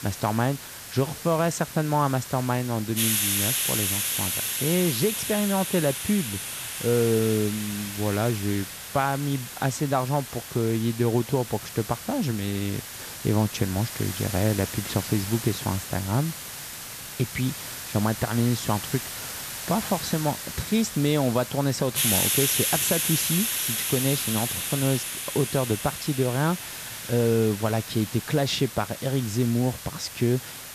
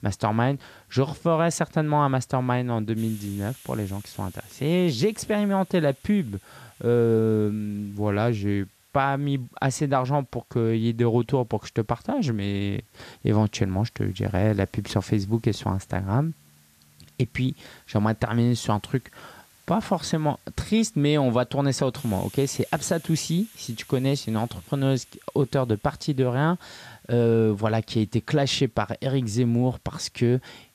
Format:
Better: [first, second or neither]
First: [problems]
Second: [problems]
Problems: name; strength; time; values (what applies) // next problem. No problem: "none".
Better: second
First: hiss; loud; throughout; 3 dB below the speech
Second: hiss; faint; throughout; 25 dB below the speech